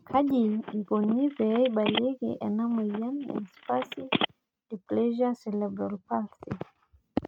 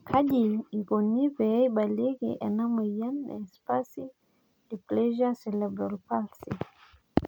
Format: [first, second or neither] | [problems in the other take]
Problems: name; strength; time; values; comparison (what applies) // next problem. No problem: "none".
second | noise reduction (neural mask model RNNoise)